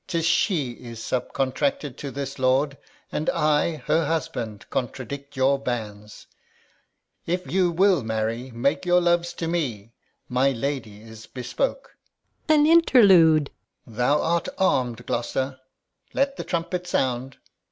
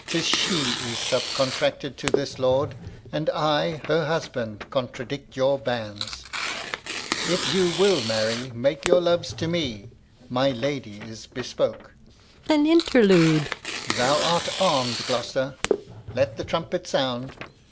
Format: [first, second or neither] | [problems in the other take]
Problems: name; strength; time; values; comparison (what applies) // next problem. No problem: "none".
first | background sound (Tearing); 7 dB below the speech